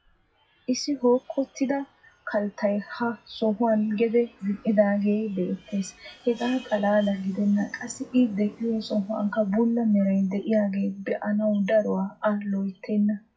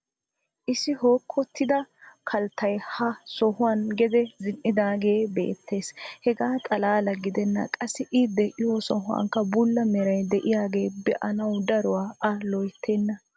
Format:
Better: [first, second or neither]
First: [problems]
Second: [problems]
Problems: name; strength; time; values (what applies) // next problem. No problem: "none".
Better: second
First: noise reduction (classical method WPE with log-MMSE)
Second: none